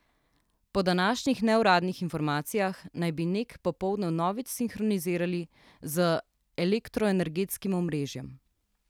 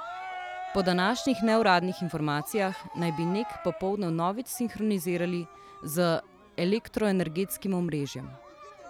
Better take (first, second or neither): first